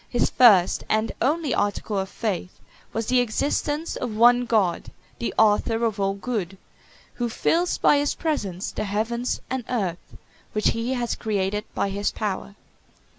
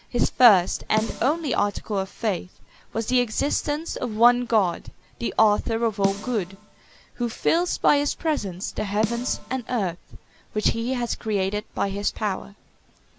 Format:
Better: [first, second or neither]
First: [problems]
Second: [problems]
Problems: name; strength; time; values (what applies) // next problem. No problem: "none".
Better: first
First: none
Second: background sound (Snare drum); 12 dB below the speech